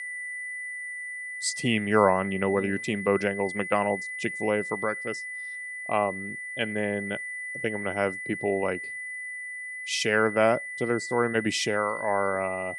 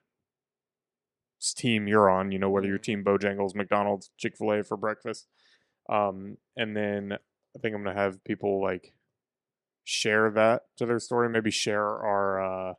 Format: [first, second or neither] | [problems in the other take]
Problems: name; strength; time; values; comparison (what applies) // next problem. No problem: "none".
second | high-pitched whine; loud; throughout; 2 kHz, 7 dB below the speech